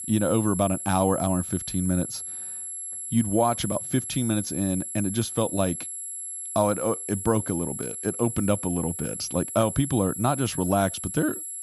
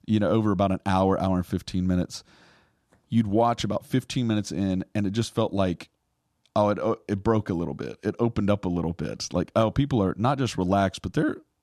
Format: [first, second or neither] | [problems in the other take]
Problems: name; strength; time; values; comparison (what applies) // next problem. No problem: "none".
second | high-pitched whine; loud; throughout; 11 kHz, 6 dB below the speech